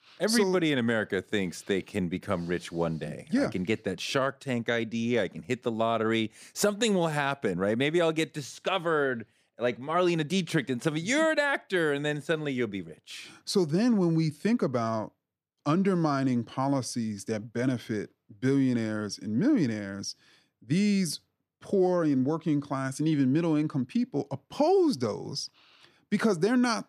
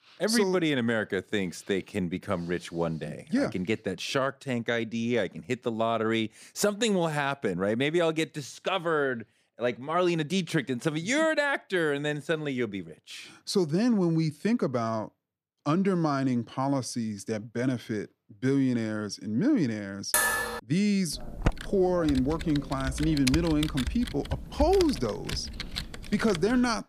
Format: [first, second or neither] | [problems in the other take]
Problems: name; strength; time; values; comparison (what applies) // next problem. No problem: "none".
first | clattering dishes; loud; at 20 s; peak 4 dB above the speech // keyboard typing; noticeable; from 21 s on; peak 2 dB below the speech